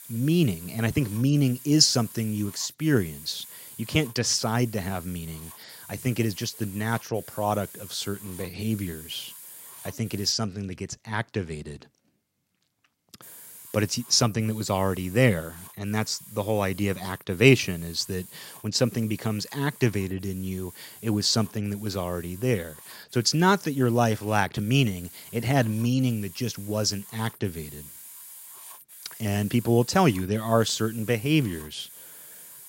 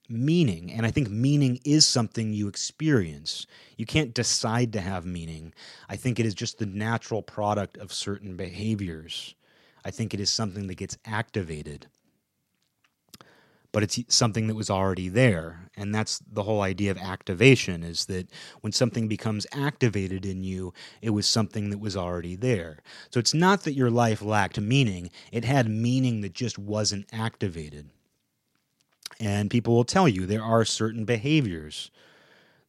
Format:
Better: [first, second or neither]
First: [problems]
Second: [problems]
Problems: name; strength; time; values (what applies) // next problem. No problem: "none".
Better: second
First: hiss; noticeable; until 10 s and from 13 s on; 15 dB below the speech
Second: none